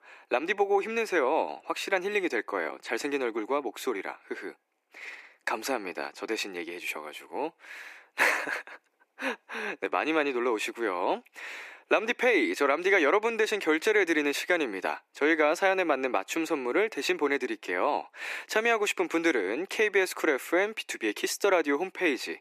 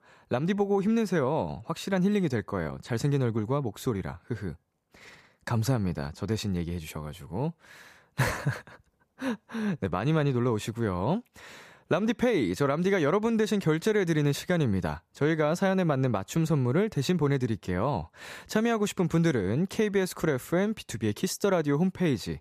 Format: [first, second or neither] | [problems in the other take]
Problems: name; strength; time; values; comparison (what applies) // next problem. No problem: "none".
second | thin; very; fading below 300 Hz